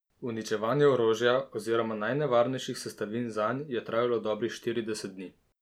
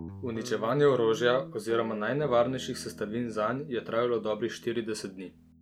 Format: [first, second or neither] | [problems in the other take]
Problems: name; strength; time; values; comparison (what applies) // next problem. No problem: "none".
first | background sound (Guitar); 15 dB below the speech